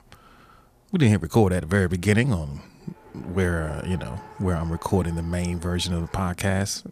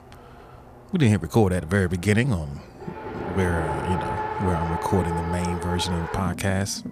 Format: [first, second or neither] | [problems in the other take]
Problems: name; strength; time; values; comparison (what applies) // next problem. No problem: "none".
first | traffic noise; loud; throughout; 6 dB below the speech; faint in the first